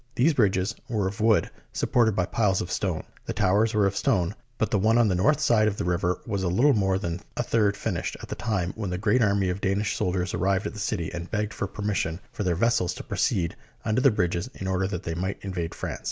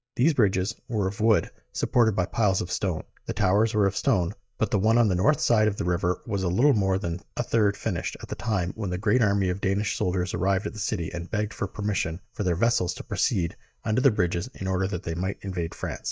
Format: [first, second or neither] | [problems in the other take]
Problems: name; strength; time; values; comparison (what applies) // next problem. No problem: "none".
first | noise reduction (neural mask model DeepFilterNet 3)